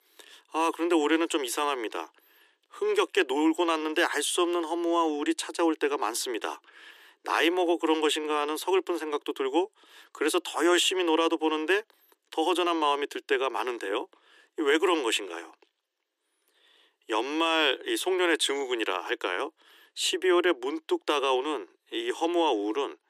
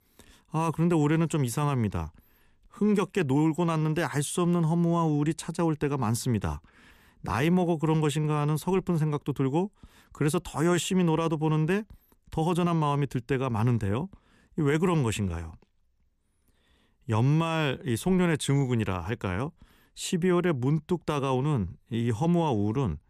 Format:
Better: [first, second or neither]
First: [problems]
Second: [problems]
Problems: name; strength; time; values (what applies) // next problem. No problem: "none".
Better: second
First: thin; very; fading below 300 Hz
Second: none